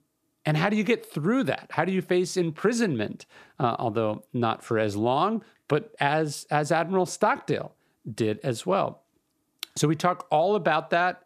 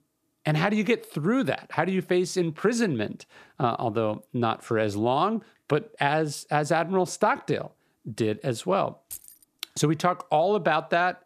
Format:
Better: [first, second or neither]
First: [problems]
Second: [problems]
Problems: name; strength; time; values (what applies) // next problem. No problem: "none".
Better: first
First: none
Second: jangling keys; faint; at 9 s; peak 15 dB below the speech